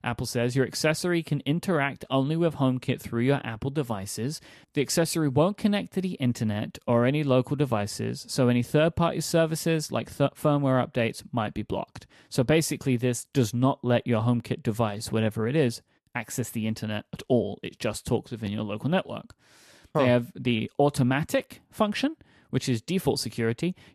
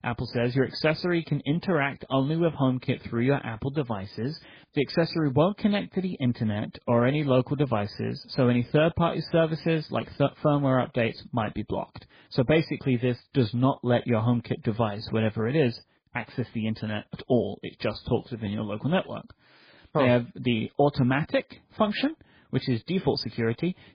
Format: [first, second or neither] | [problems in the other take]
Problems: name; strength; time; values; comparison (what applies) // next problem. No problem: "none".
first | garbled, watery; badly; nothing above 5 kHz